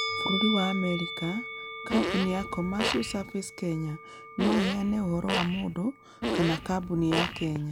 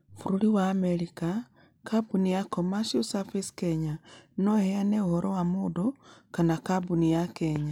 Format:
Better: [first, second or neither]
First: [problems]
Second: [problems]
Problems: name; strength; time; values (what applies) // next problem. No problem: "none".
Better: second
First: background sound (Fart + Musical instrument); 4 dB below the speech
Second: none